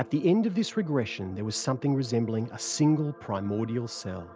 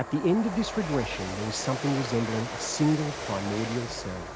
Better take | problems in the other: first | background sound (Train); 7 dB below the speech

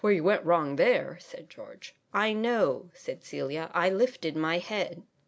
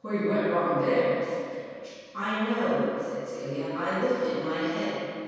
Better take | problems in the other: first | room echo; dies away in 2.1 s

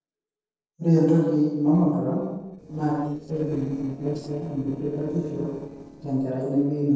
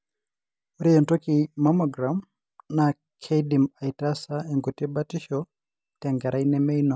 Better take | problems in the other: second | noise reduction (neural separator model SepFormer DNS4)

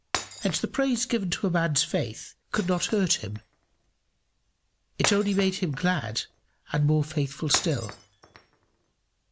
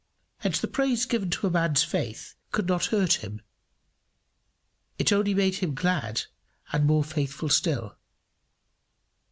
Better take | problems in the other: second | background sound (Shatter); 13 dB below the speech

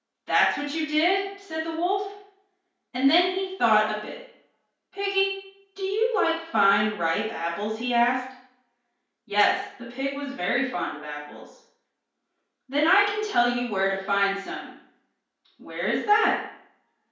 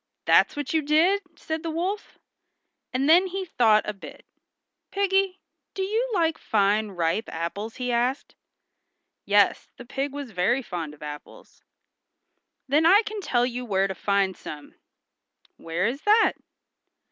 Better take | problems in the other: second | room echo; dies away in 0.5 s

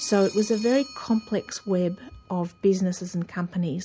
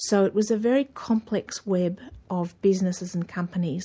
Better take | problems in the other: second | background sound (Telephone); 20 dB below the speech

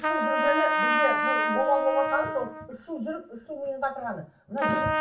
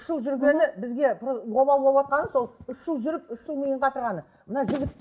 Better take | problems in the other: second | background sound (Trumpet); 1 dB above the speech // room echo; dies away in 0.2 s

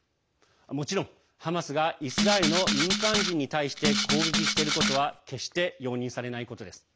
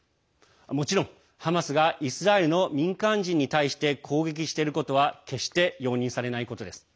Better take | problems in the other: second | background sound (Rattle (instrument)); 3 dB above the speech

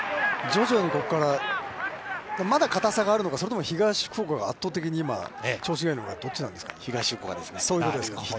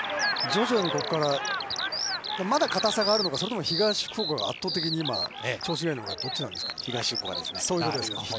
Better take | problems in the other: first | background sound (Bird vocalization, bird call, bird song); 5 dB below the speech

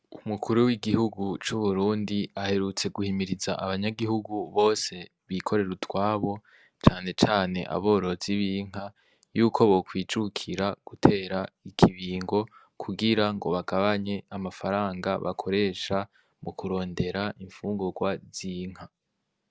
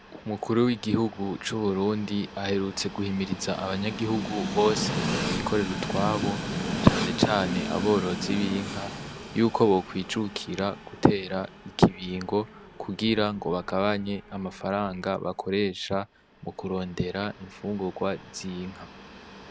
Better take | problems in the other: first | background sound (Train); 8 dB below the speech

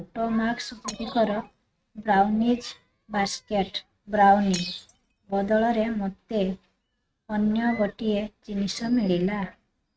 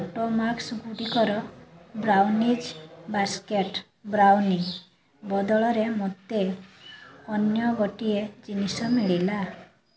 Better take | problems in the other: second | noise reduction (neural mask model RNNoise)

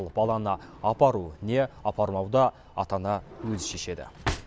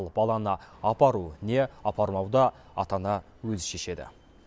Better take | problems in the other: second | background sound (Drawer open or close); 14 dB below the speech

